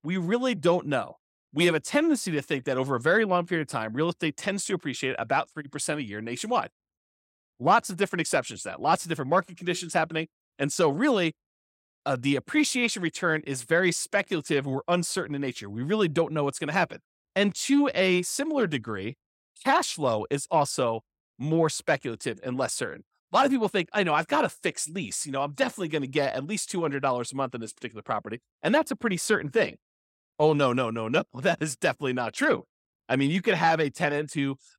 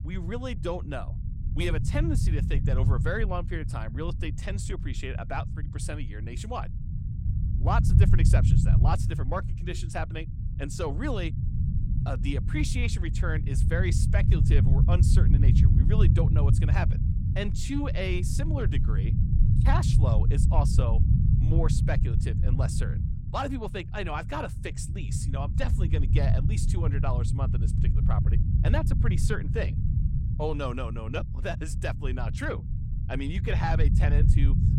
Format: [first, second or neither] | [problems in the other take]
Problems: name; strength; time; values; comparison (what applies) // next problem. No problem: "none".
first | low rumble; loud; throughout; 5 dB below the speech